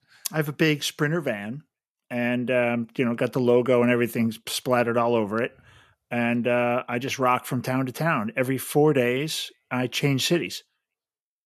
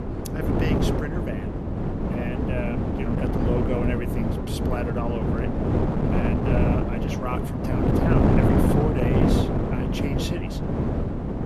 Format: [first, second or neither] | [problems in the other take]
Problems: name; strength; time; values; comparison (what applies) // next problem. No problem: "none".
first | wind noise on the microphone; heavy; 5 dB above the speech